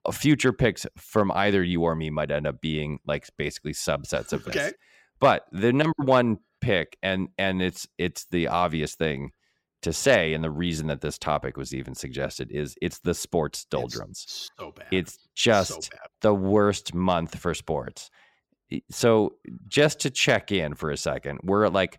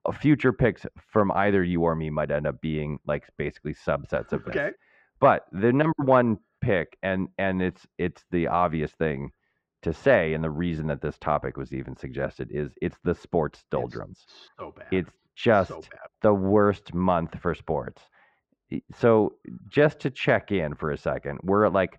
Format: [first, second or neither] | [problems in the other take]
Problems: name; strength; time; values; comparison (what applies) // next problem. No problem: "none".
first | muffled; very; fading above 1.5 kHz